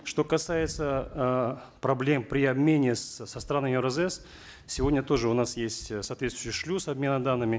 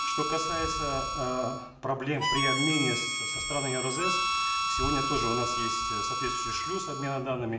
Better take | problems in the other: first | background sound (Harmonica); 2 dB above the speech // room echo; dies away in 1.3 s

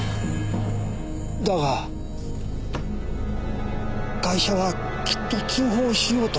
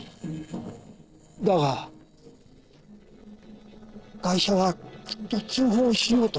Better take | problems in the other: first | noise reduction (neural separator model SepFormer DNS4)

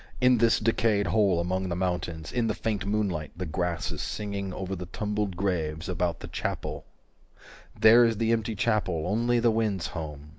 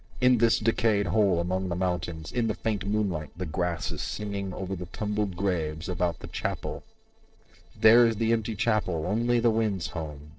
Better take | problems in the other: first | noise reduction (neural separator model SepFormer DNS4)

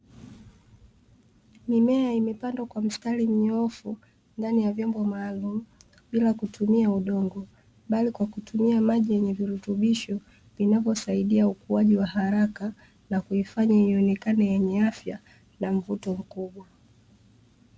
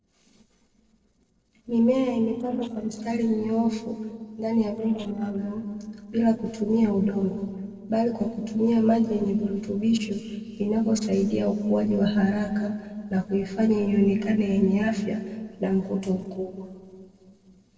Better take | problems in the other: first | noise reduction (neural separator model SepFormer DNS4)

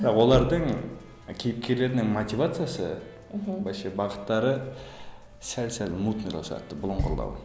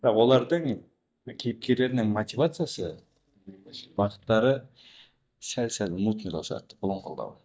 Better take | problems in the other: first | noise reduction (neural mask model DeepFilterNet 3)

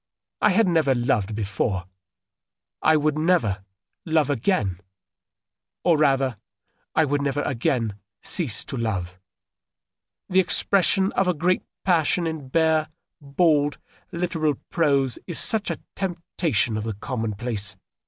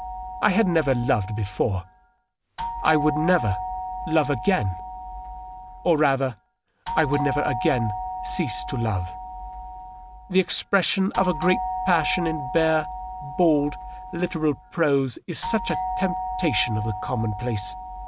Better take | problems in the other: first | background sound (Doorbell); 7 dB below the speech

